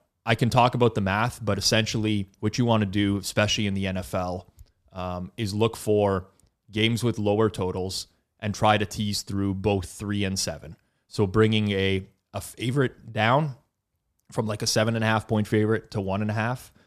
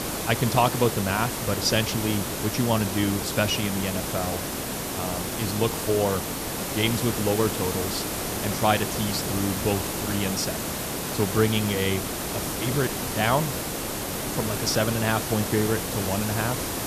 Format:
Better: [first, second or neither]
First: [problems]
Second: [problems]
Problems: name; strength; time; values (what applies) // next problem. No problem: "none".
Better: first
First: none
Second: hiss; loud; throughout; 2 dB below the speech